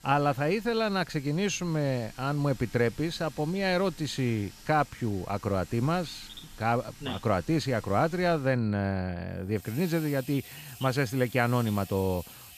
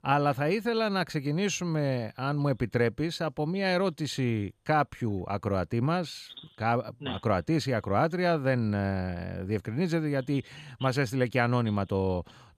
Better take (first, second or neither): second